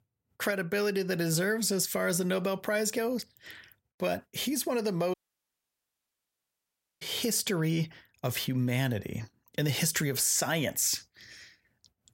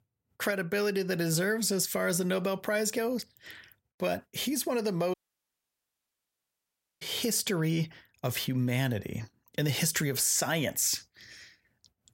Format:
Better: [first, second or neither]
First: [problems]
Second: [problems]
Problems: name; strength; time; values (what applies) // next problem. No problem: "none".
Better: neither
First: audio cutting out; at 5 s for 2 s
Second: audio cutting out; at 5 s for 2 s